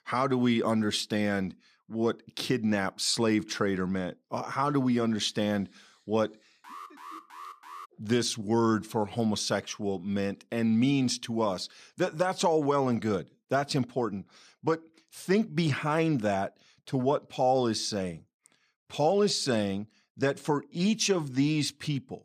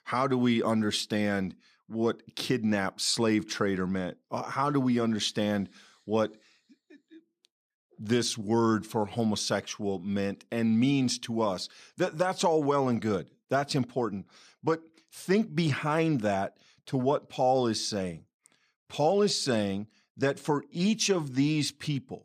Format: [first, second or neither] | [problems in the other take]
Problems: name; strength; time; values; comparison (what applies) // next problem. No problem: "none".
second | alarm; faint; from 6.5 to 8 s; peak 15 dB below the speech